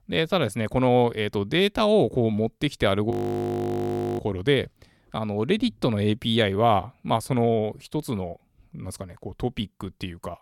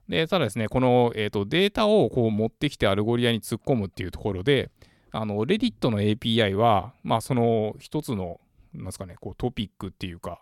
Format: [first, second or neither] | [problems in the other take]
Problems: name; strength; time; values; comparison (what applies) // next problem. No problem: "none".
second | audio freezing; at 3 s for 1 s